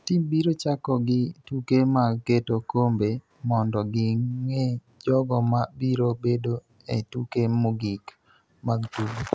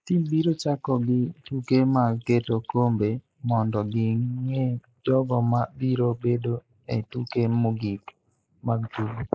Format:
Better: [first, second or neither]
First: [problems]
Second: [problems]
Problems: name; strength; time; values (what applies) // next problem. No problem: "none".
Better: first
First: none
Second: noise reduction (neural mask model Resemble Enhance denoiser)